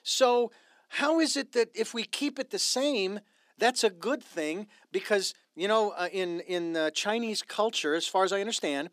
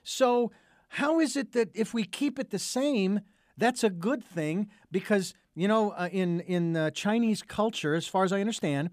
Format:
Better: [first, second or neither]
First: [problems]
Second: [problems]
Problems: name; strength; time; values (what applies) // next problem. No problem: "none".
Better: second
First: thin; somewhat; fading below 300 Hz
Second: none